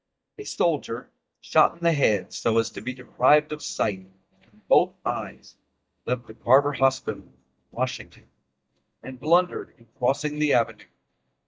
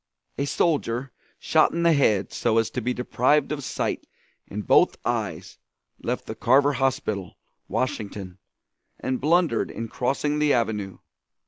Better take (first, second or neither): second